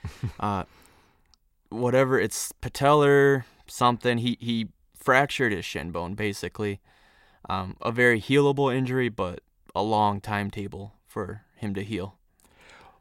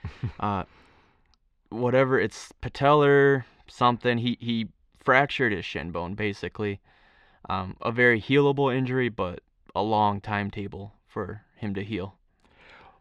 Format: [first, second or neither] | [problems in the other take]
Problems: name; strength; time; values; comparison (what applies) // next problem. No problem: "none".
first | muffled; slightly; fading above 3 kHz